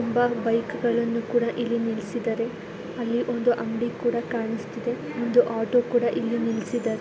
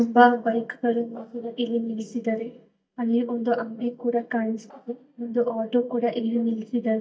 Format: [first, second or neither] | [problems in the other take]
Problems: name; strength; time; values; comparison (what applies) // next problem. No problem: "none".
first | noise reduction (neural mask model DeepFilterNet 3)